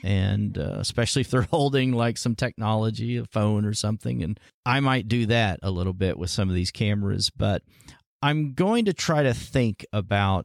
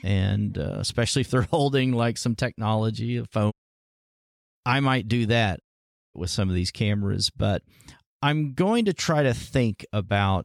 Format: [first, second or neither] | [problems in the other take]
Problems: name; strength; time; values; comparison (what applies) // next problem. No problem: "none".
first | audio cutting out; at 3.5 s for 1 s and at 5.5 s for 0.5 s